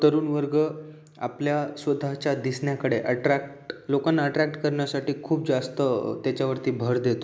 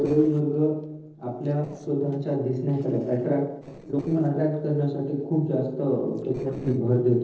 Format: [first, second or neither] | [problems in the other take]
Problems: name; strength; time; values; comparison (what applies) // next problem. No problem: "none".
first | noise reduction (neural separator model SepFormer DNS4)